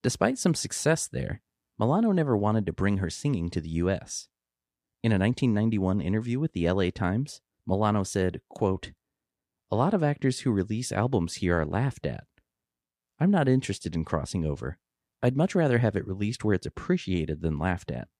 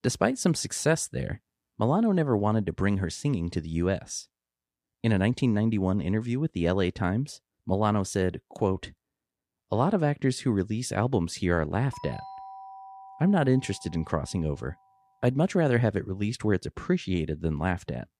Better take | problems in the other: first | doorbell; faint; from 12 to 14 s; peak 15 dB below the speech

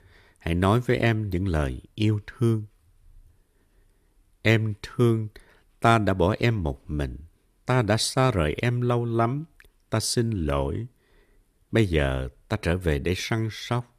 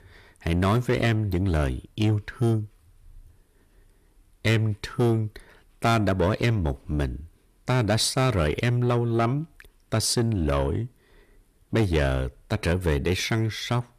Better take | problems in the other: first | distortion; slight; 10 dB below the speech

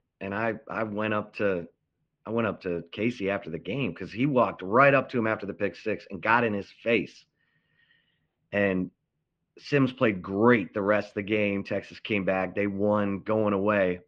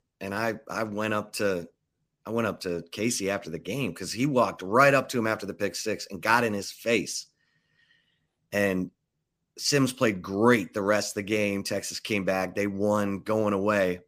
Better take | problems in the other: second | muffled; very; fading above 3 kHz

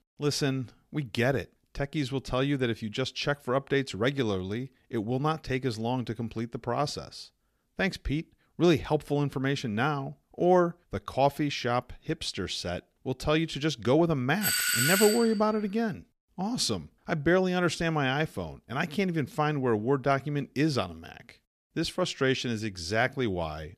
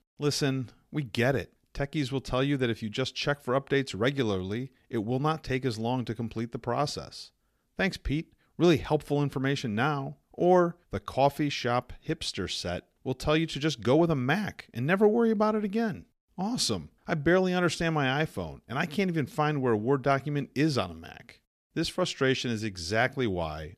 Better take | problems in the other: second | doorbell; loud; at 14 s; peak 5 dB above the speech

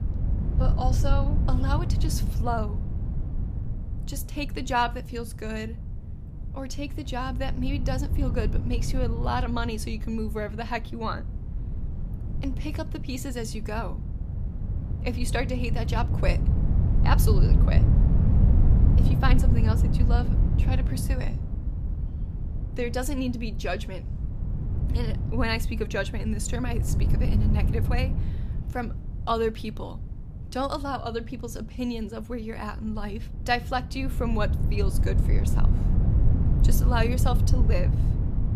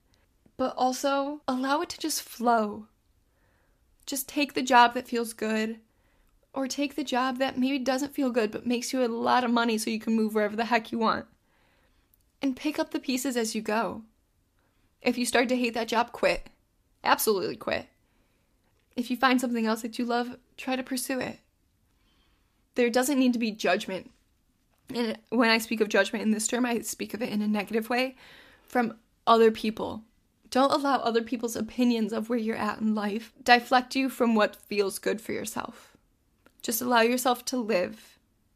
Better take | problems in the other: second | wind noise on the microphone; heavy; 8 dB below the speech

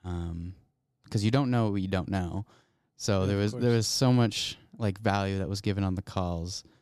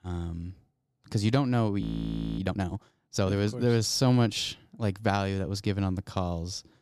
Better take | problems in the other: first | audio freezing; at 2 s for 0.5 s

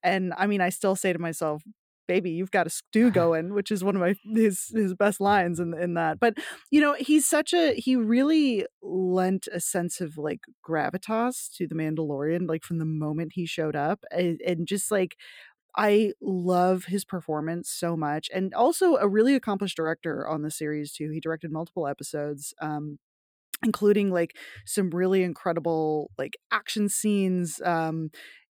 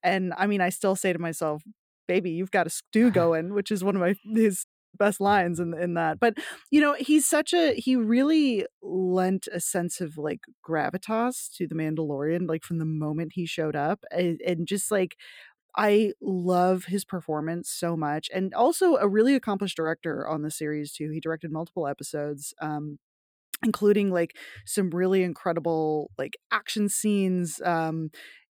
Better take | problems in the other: first | audio cutting out; at 4.5 s

